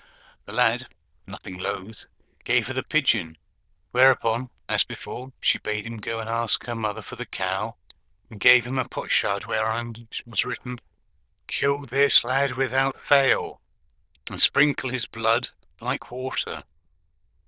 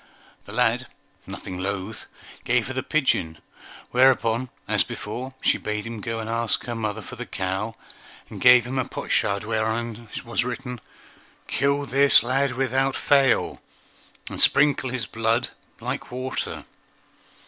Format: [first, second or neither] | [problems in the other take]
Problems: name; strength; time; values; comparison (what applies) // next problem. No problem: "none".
second | noise reduction (neural diffusion model UNIVERSE++)